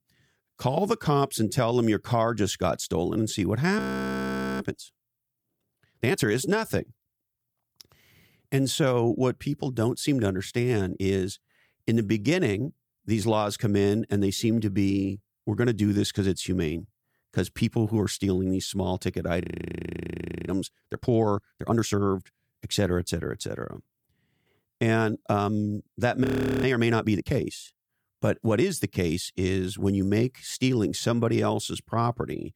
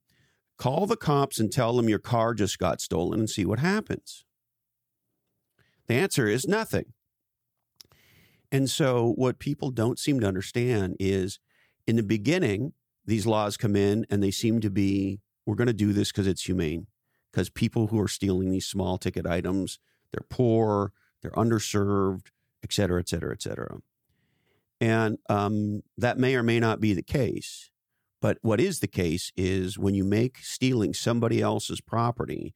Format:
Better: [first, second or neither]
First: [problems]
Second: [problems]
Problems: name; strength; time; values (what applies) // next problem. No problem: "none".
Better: second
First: audio freezing; at 4 s for 1 s, at 19 s for 1 s and at 26 s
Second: none